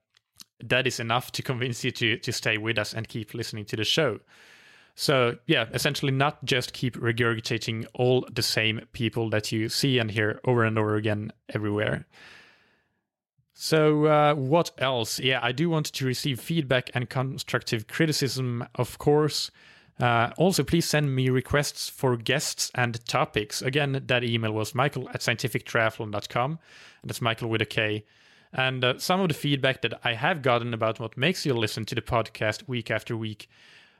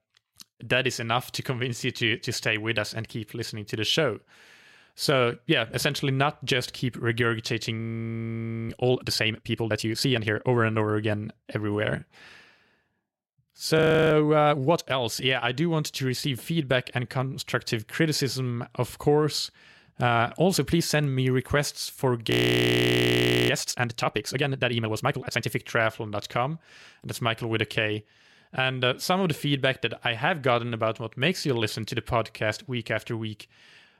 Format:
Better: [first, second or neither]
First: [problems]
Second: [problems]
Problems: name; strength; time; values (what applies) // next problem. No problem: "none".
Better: first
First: none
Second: audio freezing; at 8 s for 1 s, at 14 s and at 22 s for 1 s